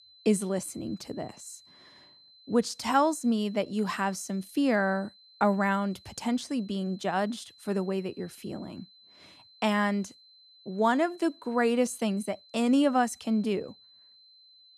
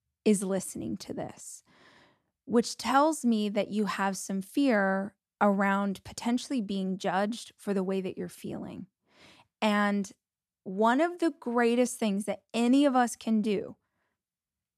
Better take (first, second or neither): second